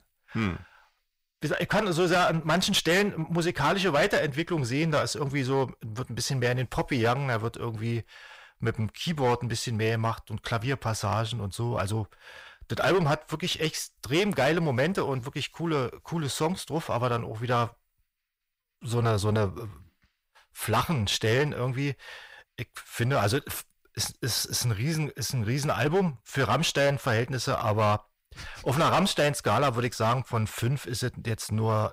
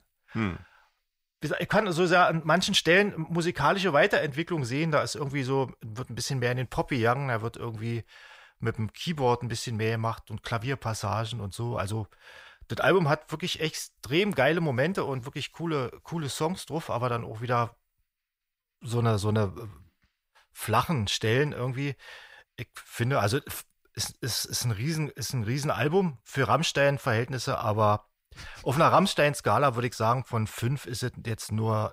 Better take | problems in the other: second | distortion; slight; 9% of the sound clipped

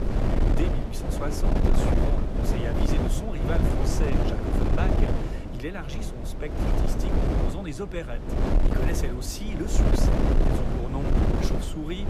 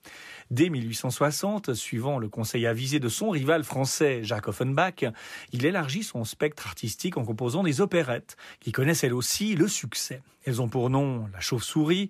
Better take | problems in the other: second | wind noise on the microphone; heavy; 4 dB above the speech

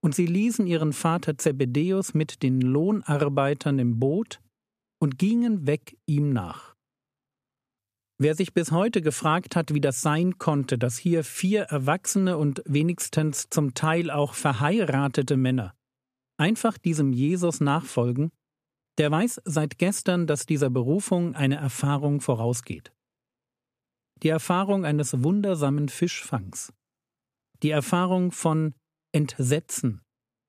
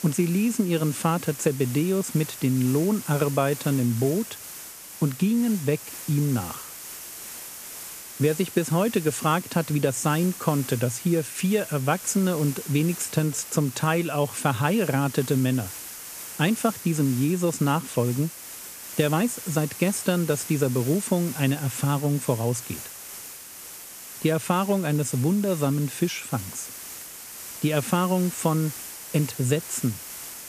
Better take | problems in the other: first | hiss; noticeable; throughout; 10 dB below the speech

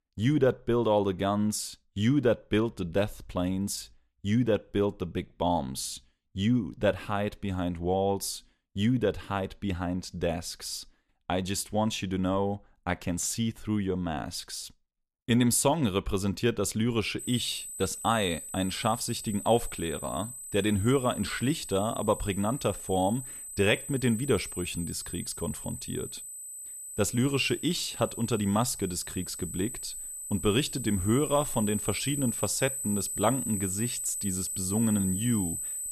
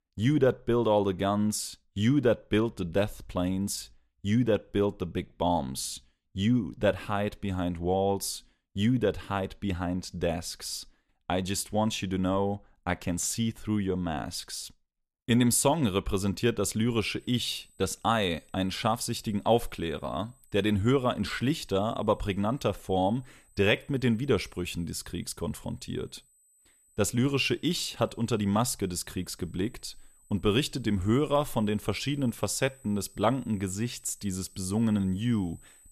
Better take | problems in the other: second | high-pitched whine; loud; from 17 s on; 8 kHz, 6 dB below the speech; faint in the second

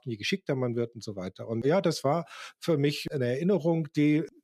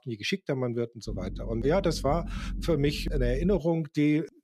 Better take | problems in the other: first | low rumble; noticeable; from 1 to 3.5 s; 20 dB below the speech

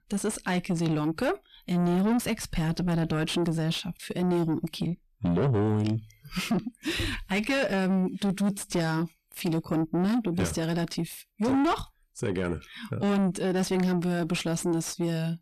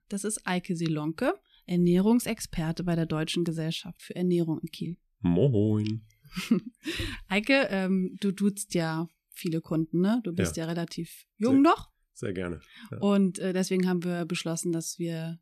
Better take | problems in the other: second | distortion; heavy; 6 dB below the speech

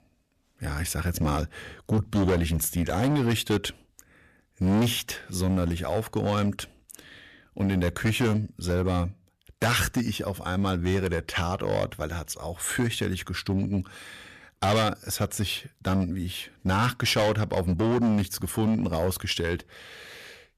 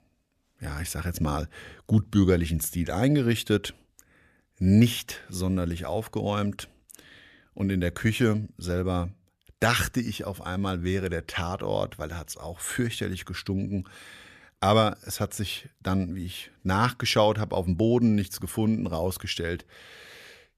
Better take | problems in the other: second | distortion; heavy; 9% of the sound clipped

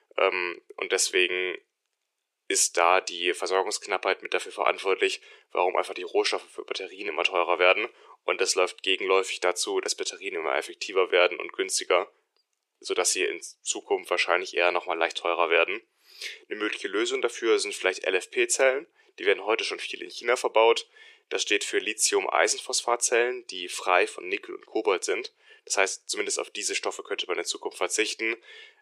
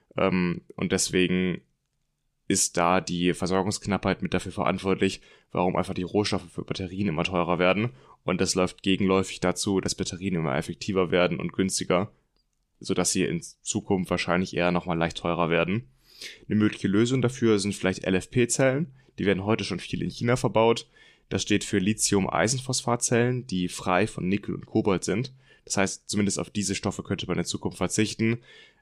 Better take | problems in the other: second | thin; very; fading below 400 Hz

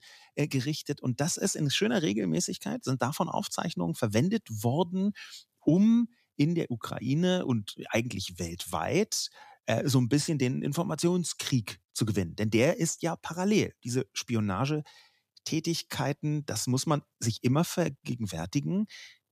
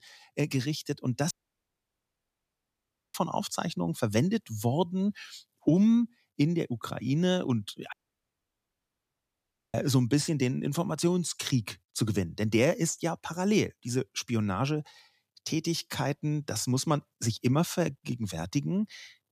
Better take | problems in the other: first | audio cutting out; at 1.5 s for 2 s and at 8 s for 2 s

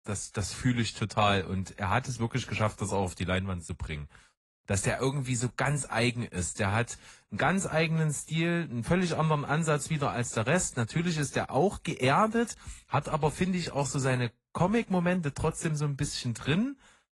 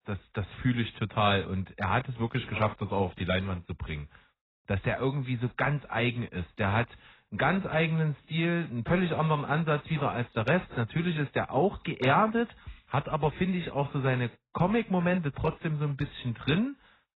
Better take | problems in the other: first | garbled, watery; badly; nothing above 4 kHz; slightly in the first

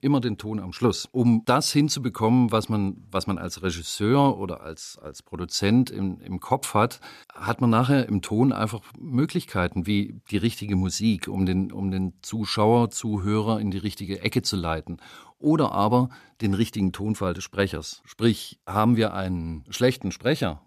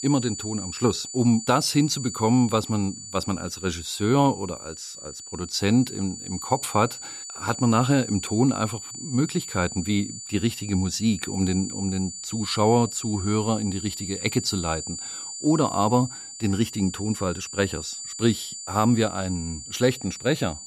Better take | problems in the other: first | high-pitched whine; loud; throughout; 7 kHz, 9 dB below the speech

